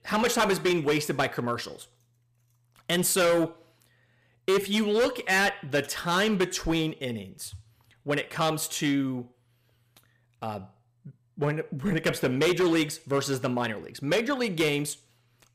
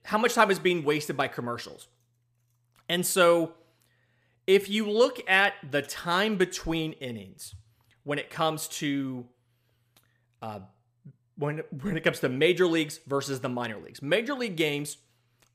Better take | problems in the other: second | distortion; heavy; 7% of the sound clipped

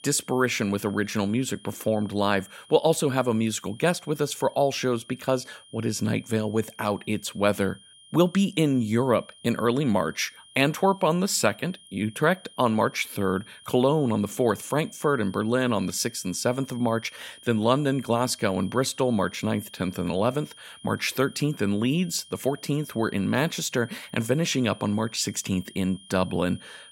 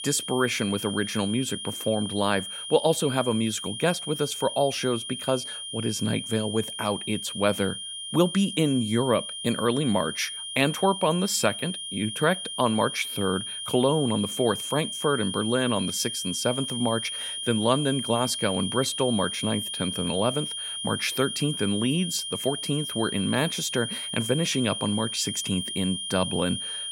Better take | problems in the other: first | high-pitched whine; loud; throughout; 3 kHz, 5 dB below the speech; faint in the first

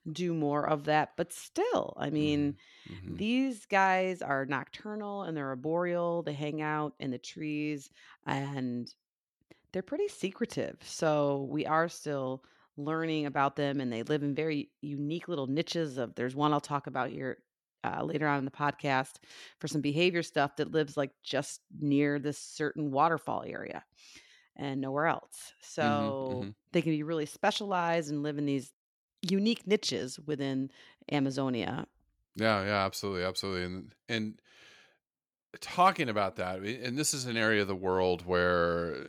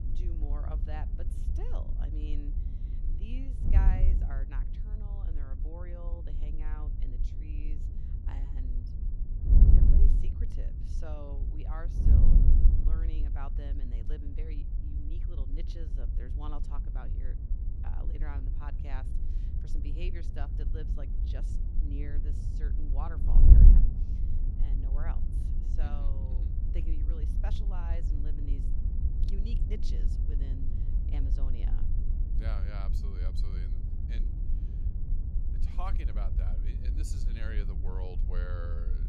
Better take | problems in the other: first | wind noise on the microphone; heavy; 1 dB below the speech

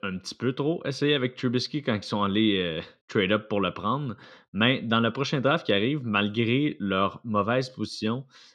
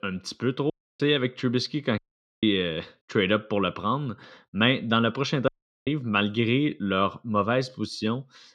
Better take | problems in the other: first | audio cutting out; at 0.5 s, at 2 s and at 5.5 s

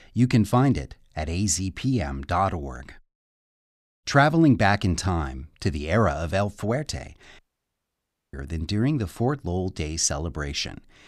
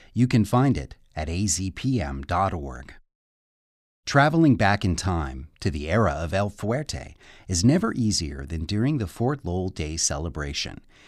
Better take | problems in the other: second | audio cutting out; at 7.5 s for 1 s

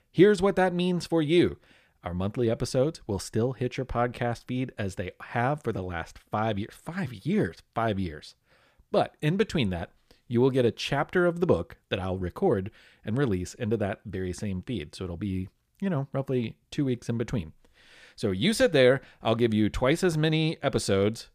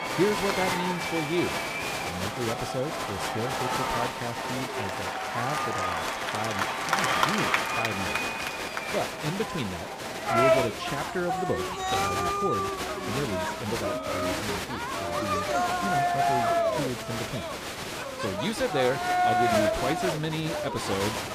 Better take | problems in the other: first | crowd noise; very loud; throughout; 5 dB above the speech

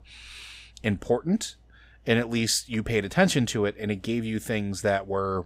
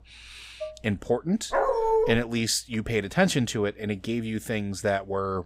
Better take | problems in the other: first | clattering dishes; faint; at 0.5 s; peak 10 dB below the speech // dog barking; loud; at 1.5 s; peak 4 dB above the speech

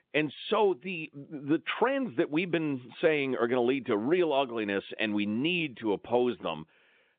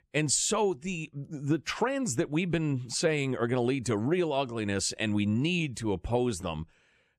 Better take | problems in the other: second | phone-call audio; nothing above 3.5 kHz

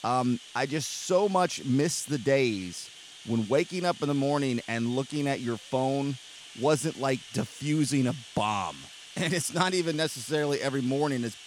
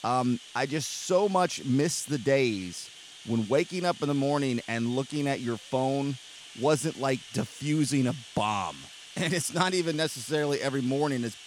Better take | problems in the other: neither | household noises; noticeable; throughout; 15 dB below the speech; the same in both

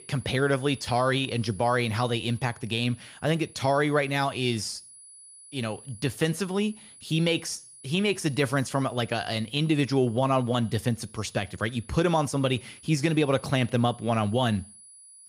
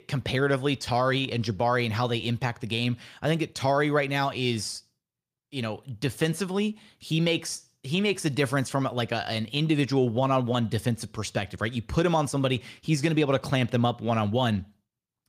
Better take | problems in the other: second | high-pitched whine; faint; throughout; 10 kHz, 20 dB below the speech

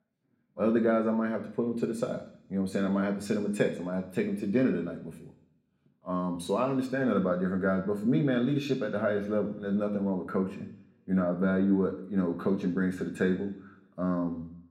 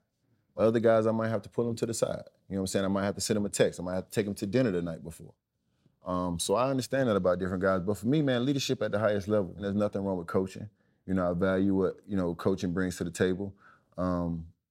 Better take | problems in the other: second | room echo; slight; dies away in 0.8 s // off-mic speech; somewhat distant

